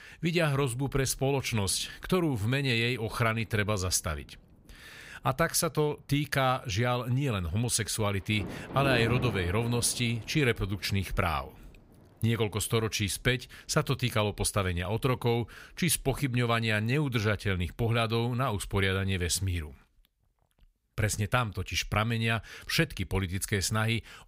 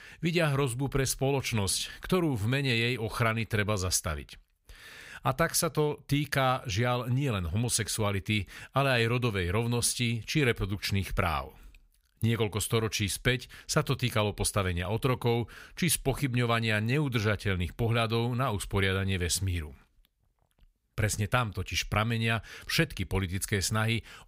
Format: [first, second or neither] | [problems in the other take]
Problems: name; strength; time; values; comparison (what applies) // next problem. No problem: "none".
second | rain or running water; noticeable; until 18 s; 10 dB below the speech